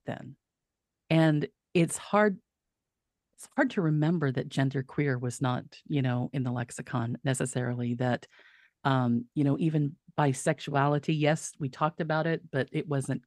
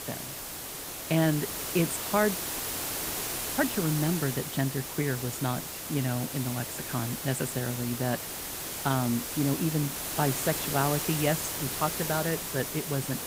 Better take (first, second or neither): first